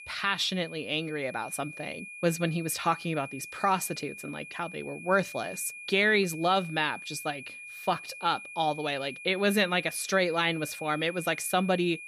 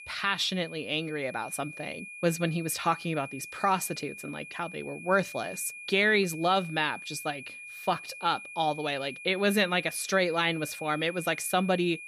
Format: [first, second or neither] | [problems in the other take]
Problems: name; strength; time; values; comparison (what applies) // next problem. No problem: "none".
neither | high-pitched whine; noticeable; throughout; 2.5 kHz, 15 dB below the speech; the same in both